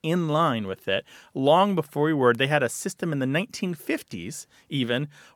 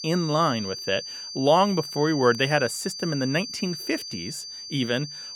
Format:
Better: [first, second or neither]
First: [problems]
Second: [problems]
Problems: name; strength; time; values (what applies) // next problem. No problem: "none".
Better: first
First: none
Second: high-pitched whine; loud; throughout; 4.5 kHz, 9 dB below the speech